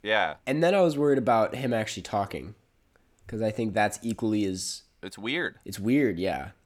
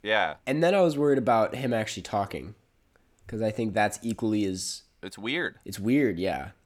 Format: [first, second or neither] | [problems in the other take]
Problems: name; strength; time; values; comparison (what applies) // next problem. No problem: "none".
neither | none